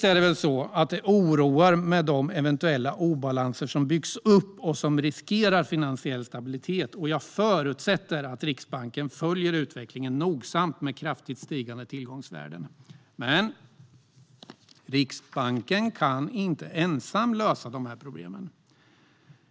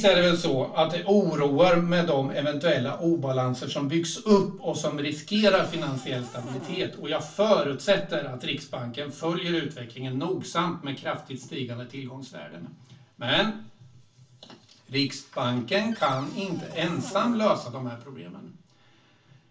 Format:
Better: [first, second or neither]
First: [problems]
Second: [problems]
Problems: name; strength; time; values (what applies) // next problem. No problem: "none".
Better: first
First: none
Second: background sound (Cupboard open or close); 16 dB below the speech // room echo; dies away in 0.3 s